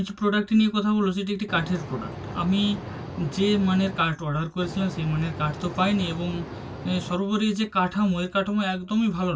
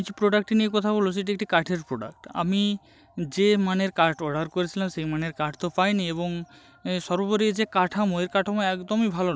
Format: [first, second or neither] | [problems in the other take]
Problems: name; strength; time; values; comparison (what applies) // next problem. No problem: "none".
second | background sound (Boat, Water vehicle); 11 dB below the speech // room echo; dies away in 0.1 s